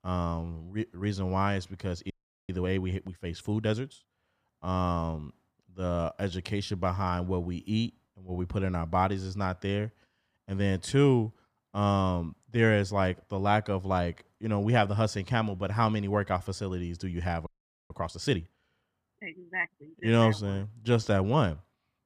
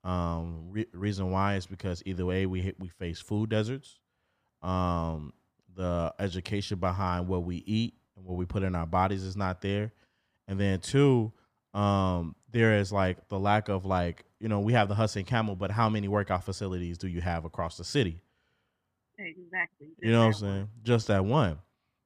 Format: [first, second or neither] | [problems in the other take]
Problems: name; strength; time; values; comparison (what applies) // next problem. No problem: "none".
second | audio freezing; at 2 s and at 17 s